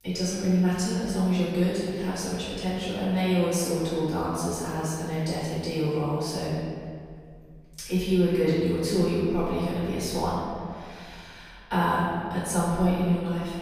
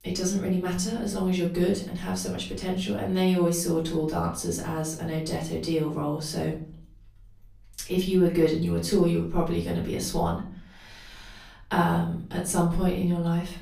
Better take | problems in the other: second | room echo; strong; dies away in 2 s; slight in the second // off-mic speech; far; far in the second

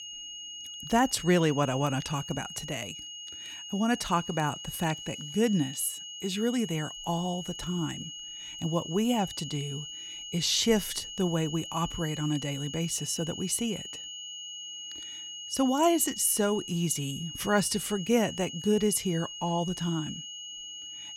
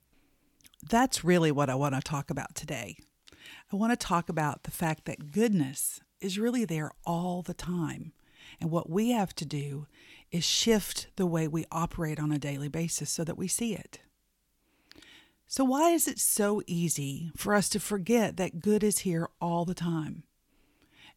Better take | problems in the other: second | high-pitched whine; loud; throughout; 3 kHz, 9 dB below the speech

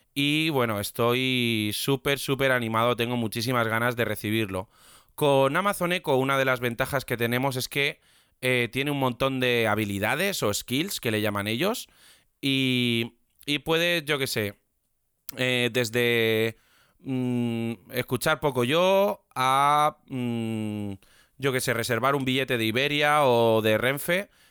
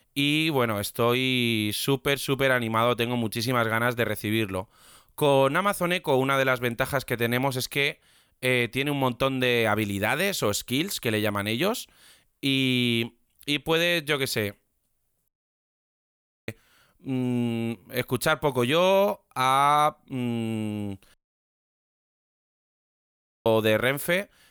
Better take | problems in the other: first | audio cutting out; at 15 s for 1 s and at 21 s for 2.5 s

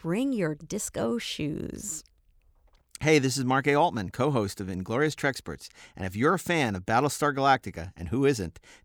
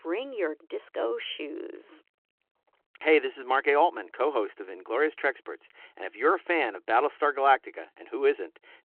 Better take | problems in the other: first | phone-call audio

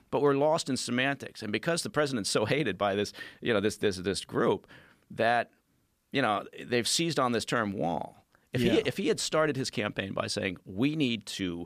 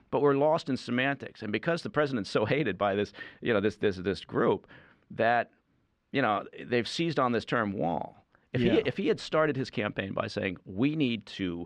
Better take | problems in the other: first | muffled; slightly; fading above 3 kHz

